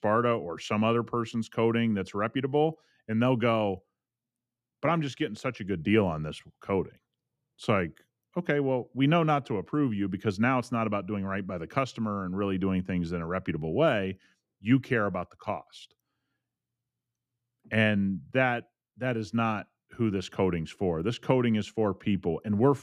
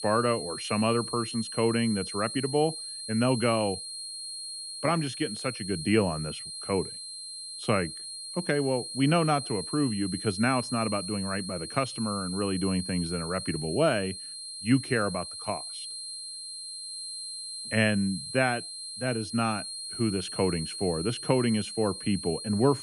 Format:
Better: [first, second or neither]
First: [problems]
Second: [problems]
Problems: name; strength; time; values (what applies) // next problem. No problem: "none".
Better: first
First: none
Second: high-pitched whine; loud; throughout; 4 kHz, 7 dB below the speech